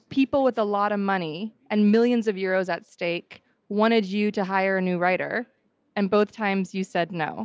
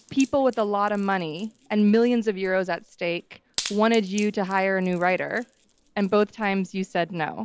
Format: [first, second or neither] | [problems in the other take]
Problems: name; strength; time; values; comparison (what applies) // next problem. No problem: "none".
first | background sound (Wood); 19 dB below the speech